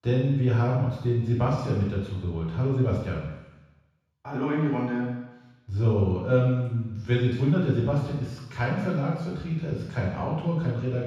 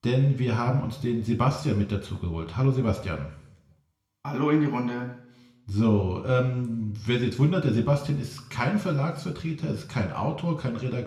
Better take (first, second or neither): second